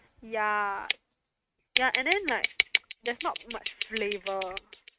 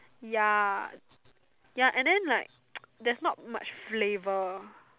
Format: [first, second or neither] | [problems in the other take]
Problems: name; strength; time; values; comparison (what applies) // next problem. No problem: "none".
second | noise reduction (neural mask model RNNoise)